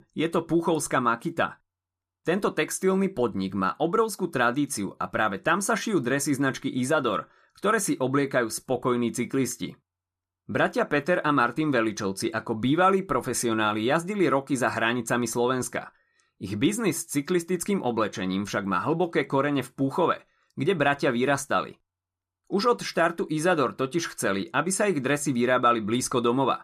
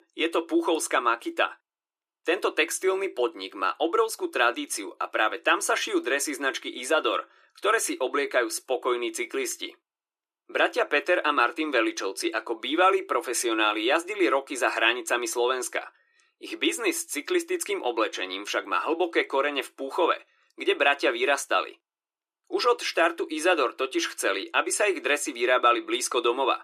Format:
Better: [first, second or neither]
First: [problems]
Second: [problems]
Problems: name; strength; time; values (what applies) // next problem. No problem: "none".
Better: first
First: none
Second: thin; very; fading below 300 Hz